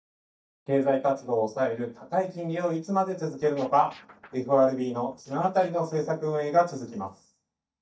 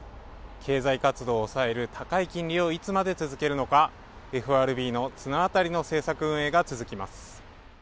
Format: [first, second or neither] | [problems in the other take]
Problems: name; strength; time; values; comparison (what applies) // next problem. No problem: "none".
second | noise reduction (neural mask model DeepFilterNet 3)